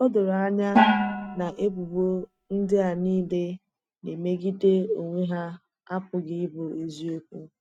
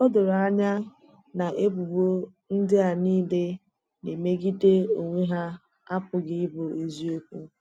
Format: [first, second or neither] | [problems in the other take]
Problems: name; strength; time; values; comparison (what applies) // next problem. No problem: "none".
second | noise reduction (neural mask model RNNoise)